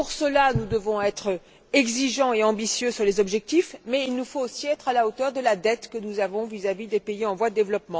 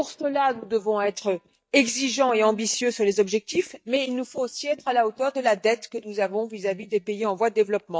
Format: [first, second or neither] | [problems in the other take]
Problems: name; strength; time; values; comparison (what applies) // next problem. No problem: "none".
first | noise reduction (neural mask model DeepFilterNet 3)